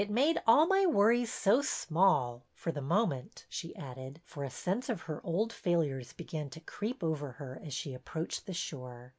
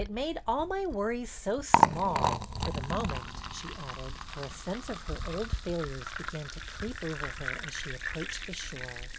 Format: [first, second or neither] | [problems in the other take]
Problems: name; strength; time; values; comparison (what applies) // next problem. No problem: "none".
first | background sound (Liquid); 2 dB above the speech